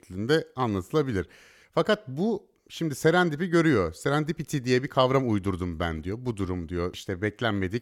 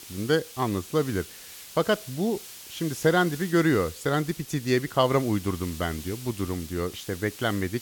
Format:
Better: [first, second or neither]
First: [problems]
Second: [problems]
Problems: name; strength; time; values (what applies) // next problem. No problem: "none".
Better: first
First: none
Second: hiss; noticeable; throughout; 15 dB below the speech